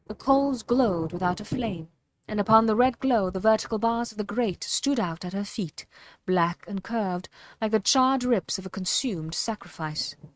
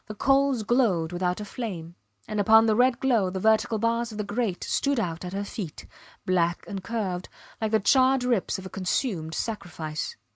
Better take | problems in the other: second | noise reduction (neural mask model RNNoise)

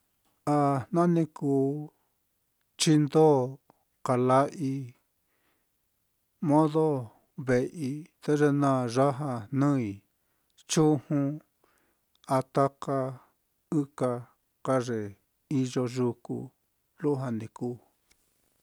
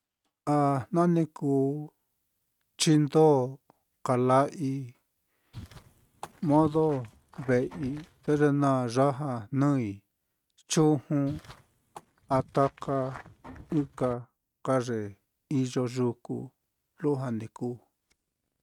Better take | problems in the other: first | noise reduction (neural mask model RNNoise)

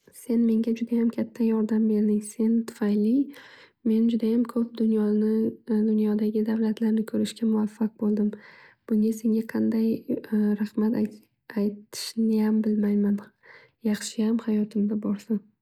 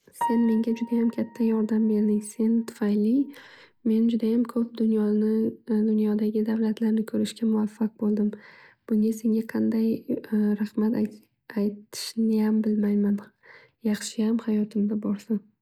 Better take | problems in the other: first | background sound (Piano); 14 dB below the speech

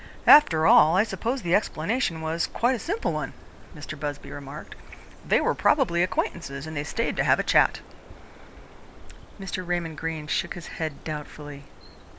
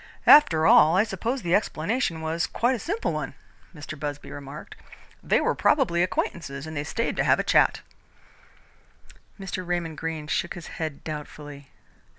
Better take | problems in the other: second | background sound (Bird); 18 dB below the speech

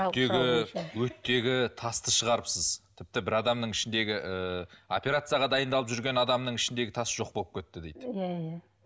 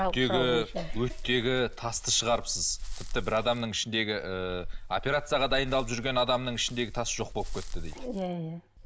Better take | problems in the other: first | background sound (Dog); 7 dB below the speech

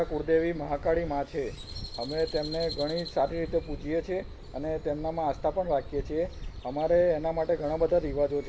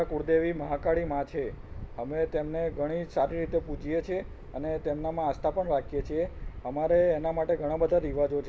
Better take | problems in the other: second | background sound (Crow); 19 dB below the speech

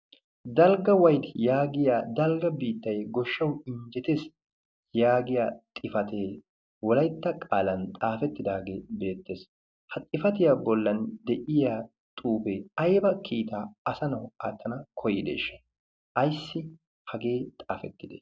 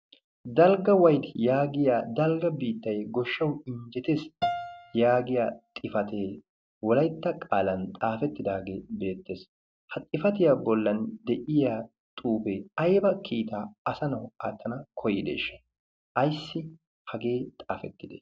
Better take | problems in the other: first | background sound (Piano); 11 dB below the speech

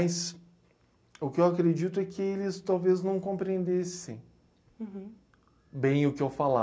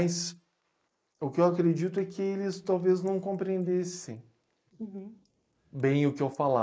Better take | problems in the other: first | noise reduction (neural mask model Resemble Enhance denoiser)

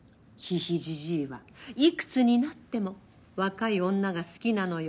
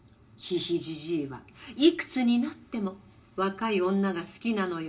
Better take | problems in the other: first | room echo; dies away in 0.2 s

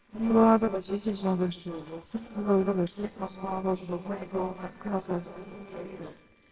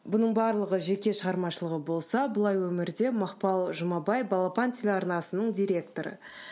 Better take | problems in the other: second | noise reduction (neural separator model SepFormer WHAMR!)

